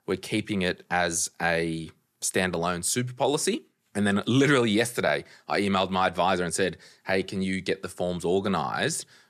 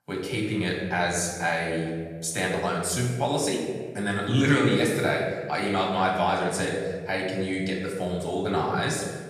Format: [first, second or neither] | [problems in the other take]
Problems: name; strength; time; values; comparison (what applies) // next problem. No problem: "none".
first | room echo; noticeable; dies away in 1.4 s // off-mic speech; far